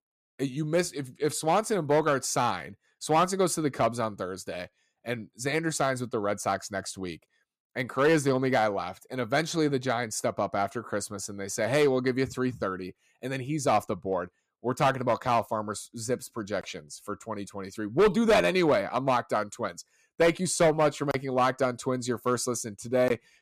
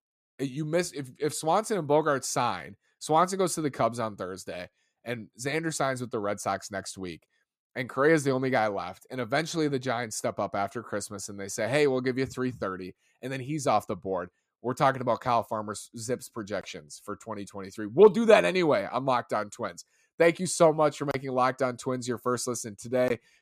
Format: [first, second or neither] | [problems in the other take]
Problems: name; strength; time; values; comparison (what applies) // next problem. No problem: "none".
second | distortion; slight; 2% of the sound clipped